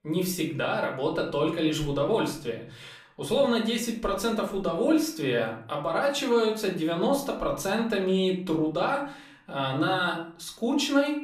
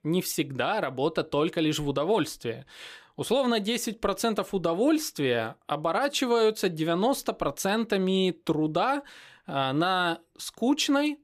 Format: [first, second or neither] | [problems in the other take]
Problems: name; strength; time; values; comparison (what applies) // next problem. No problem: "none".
second | room echo; slight; dies away in 0.4 s // off-mic speech; far